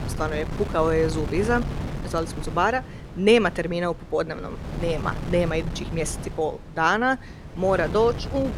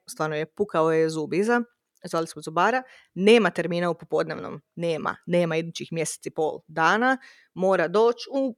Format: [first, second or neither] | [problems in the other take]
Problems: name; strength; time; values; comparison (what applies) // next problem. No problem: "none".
second | wind noise on the microphone; occasional gusts; 15 dB below the speech